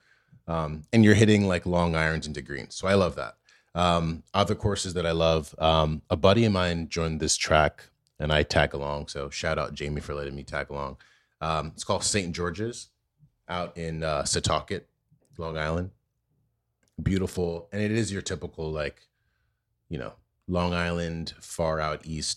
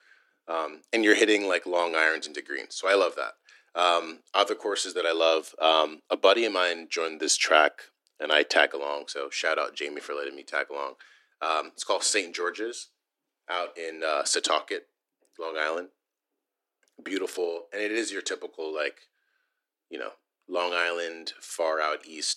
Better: first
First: none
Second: thin; very; fading below 300 Hz

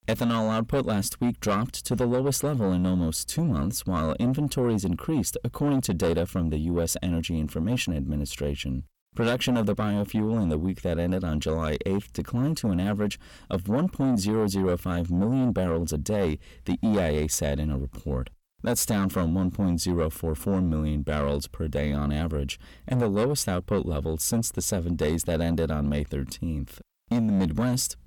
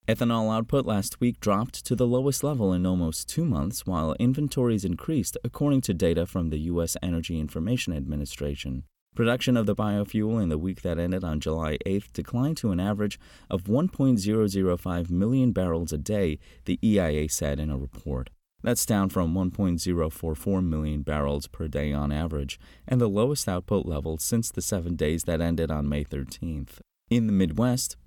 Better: second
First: distortion; slight; 10 dB below the speech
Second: none

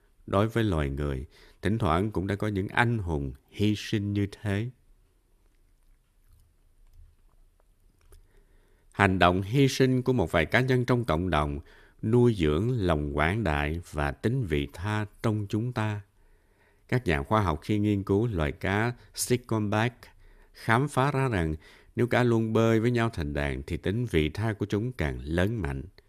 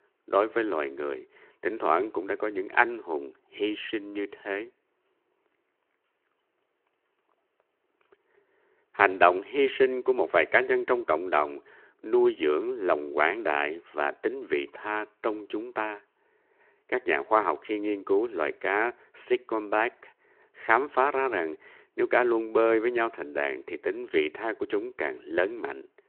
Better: first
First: none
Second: phone-call audio

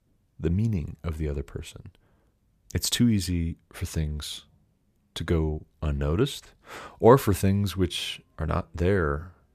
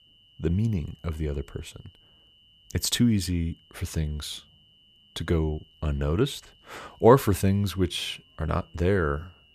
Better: first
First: none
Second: high-pitched whine; faint; throughout; 3 kHz, 30 dB below the speech

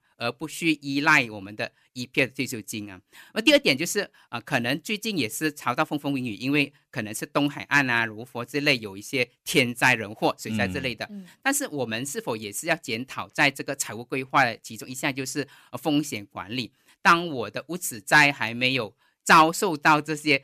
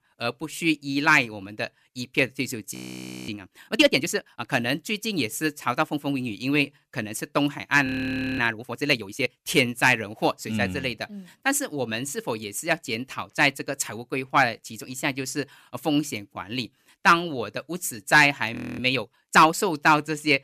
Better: first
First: none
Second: audio freezing; at 2.5 s for 0.5 s, at 8 s for 0.5 s and at 19 s

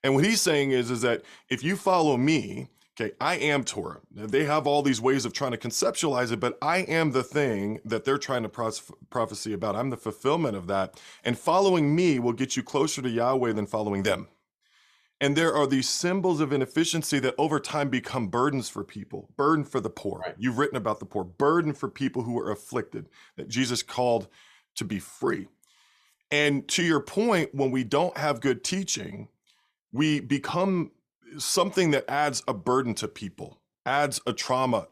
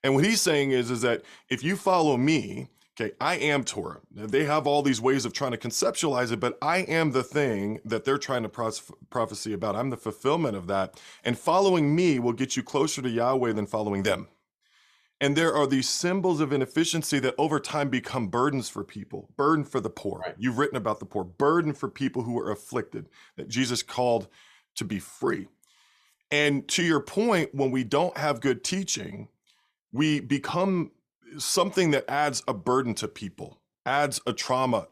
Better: neither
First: none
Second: none

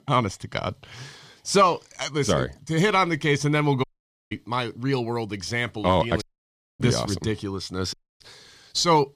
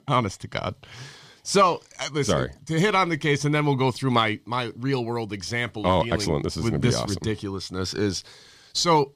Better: second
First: audio cutting out; at 4 s, at 6 s for 0.5 s and at 8 s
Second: none

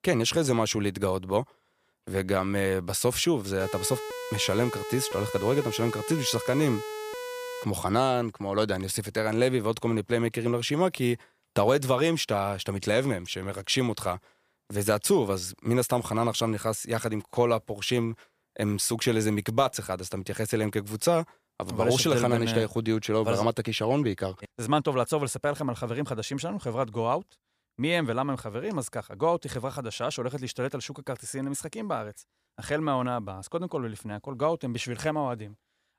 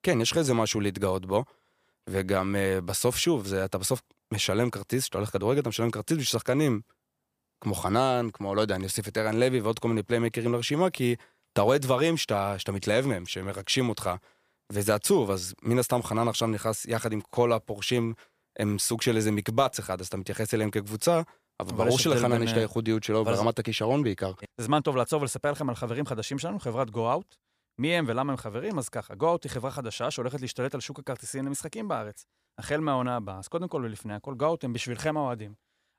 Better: second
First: siren; noticeable; from 3.5 to 7.5 s; peak 8 dB below the speech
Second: none

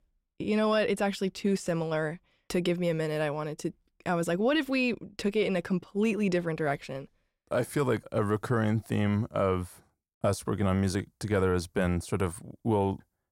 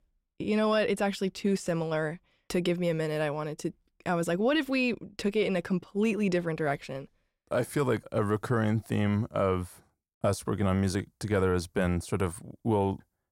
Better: neither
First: none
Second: none

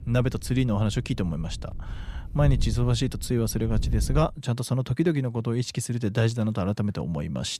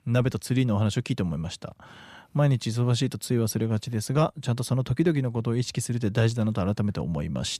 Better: second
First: wind noise on the microphone; occasional gusts; until 4.5 s; 20 dB below the speech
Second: none

